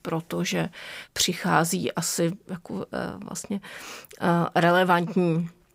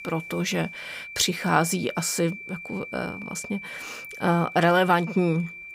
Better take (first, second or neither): first